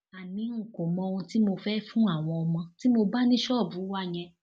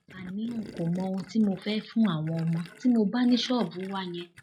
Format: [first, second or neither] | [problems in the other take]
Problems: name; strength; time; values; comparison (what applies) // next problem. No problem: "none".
first | noise reduction (classical method log-MMSE)